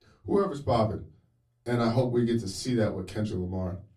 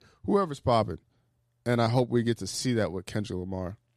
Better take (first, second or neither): second